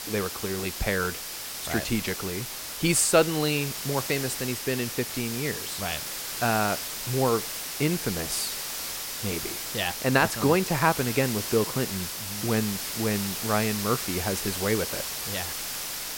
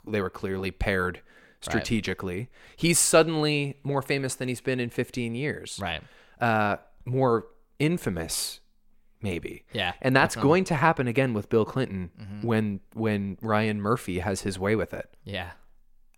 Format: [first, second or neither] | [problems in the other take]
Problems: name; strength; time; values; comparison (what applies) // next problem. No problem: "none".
second | hiss; loud; throughout; 4 dB below the speech